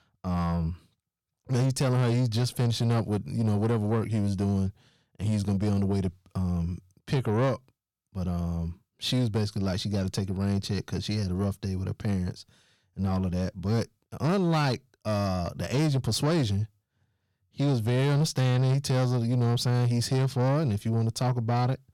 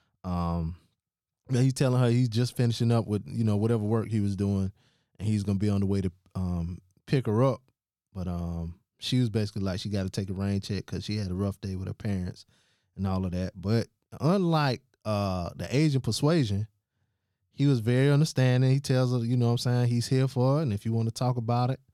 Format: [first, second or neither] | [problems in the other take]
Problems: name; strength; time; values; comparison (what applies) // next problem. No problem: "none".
second | distortion; slight; 10 dB below the speech